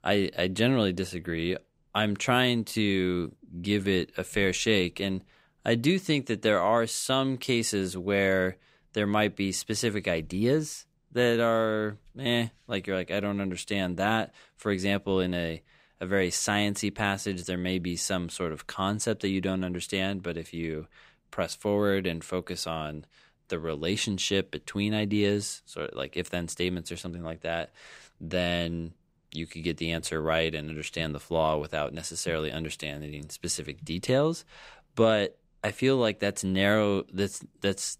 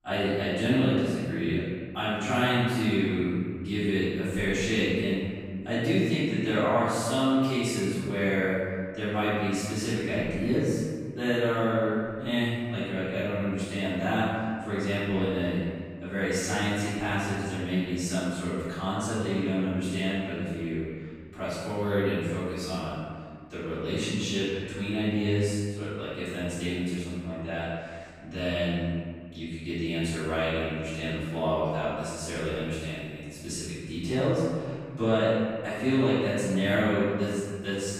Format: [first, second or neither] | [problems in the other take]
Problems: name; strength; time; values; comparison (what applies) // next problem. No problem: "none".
first | off-mic speech; far // room echo; strong; dies away in 2 s